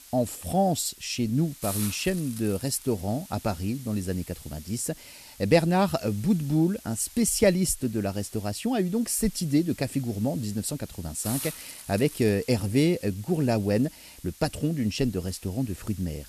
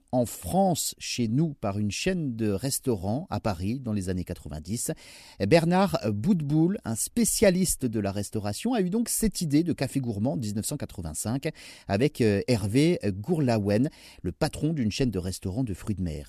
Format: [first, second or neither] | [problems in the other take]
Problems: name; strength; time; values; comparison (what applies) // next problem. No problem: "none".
second | hiss; noticeable; throughout; 15 dB below the speech